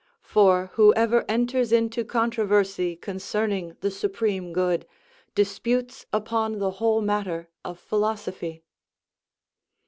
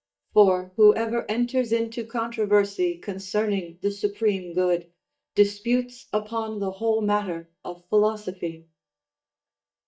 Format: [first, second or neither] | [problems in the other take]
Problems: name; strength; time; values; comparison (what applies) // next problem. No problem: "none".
first | noise reduction (neural mask model DeepFilterNet 3)